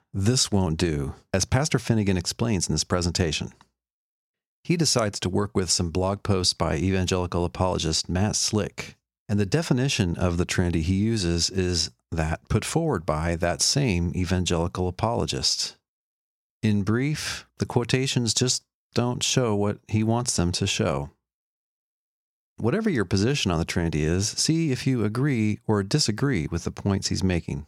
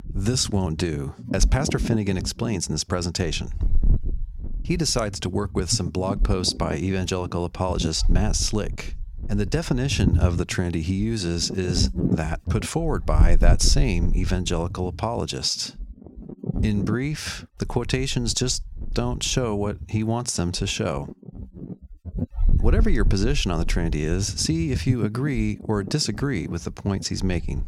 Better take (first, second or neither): first